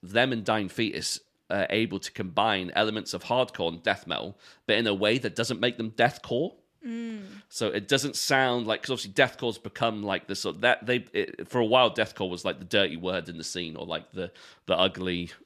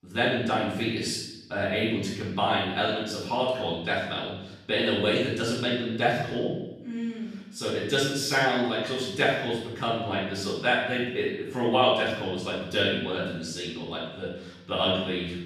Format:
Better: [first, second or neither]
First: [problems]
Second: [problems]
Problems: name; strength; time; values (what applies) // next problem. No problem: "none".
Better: first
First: none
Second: off-mic speech; far // room echo; noticeable; dies away in 0.9 s